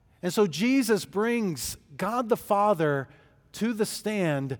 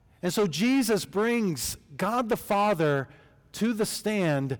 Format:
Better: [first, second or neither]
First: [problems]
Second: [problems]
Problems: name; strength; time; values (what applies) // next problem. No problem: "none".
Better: first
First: none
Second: distortion; slight; 9% of the sound clipped